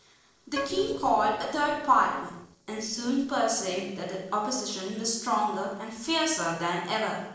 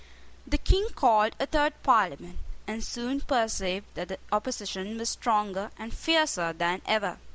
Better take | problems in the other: second | noise reduction (neural separator model SepFormer DNS4)

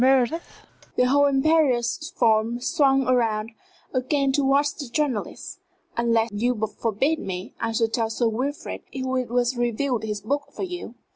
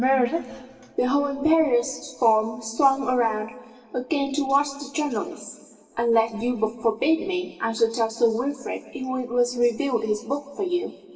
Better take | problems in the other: first | room echo; dies away in 1.6 s

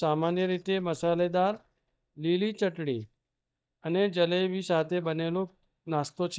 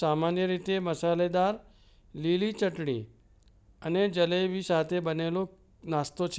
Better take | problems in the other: second | noise reduction (neural mask model DeepFilterNet 3)

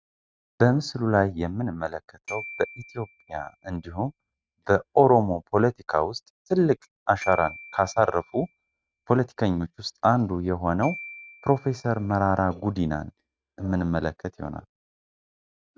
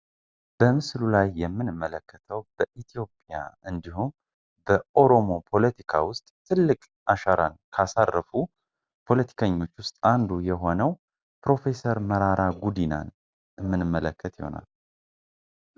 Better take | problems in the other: second | noise reduction (neural mask model RNNoise)

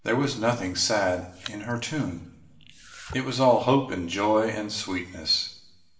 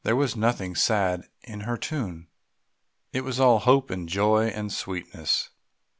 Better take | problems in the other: second | background sound (Domestic sounds, home sounds); 20 dB below the speech // room echo; dies away in 0.7 s

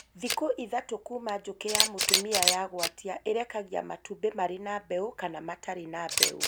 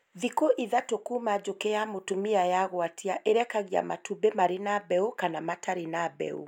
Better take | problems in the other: second | background sound (Camera); 1 dB above the speech

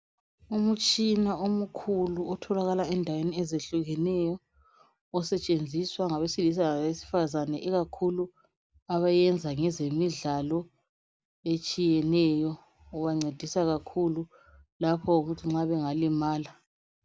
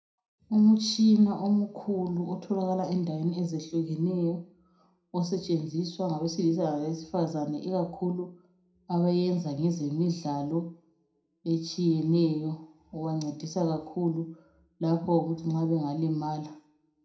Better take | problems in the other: first | room echo; dies away in 0.4 s

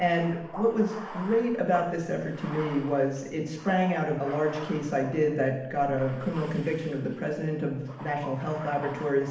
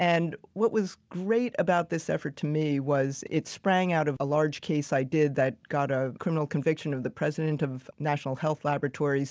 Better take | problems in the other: second | background sound (Bathtub (filling or washing)); 16 dB below the speech // room echo; dies away in 0.8 s

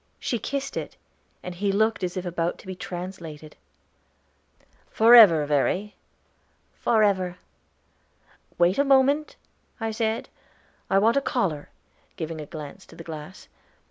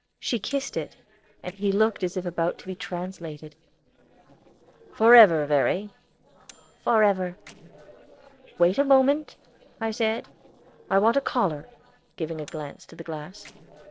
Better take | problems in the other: first | noise reduction (neural separator model SepFormer DNS4)

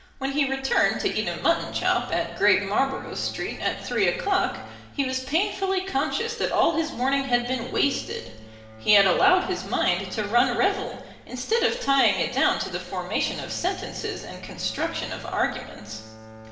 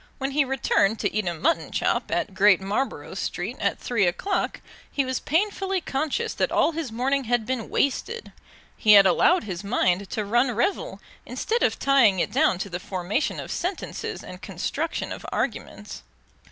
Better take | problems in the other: second | background sound (Bowed string instrument); 19 dB below the speech // room echo; dies away in 0.9 s

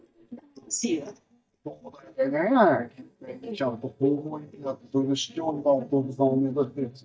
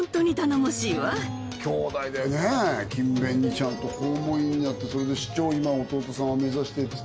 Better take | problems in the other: second | noise reduction (neural mask model DeepFilterNet 3)

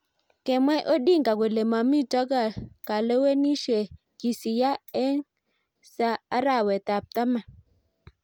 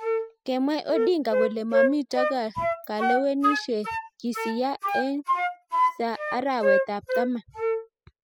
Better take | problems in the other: first | noise reduction (classical method spectral subtraction)

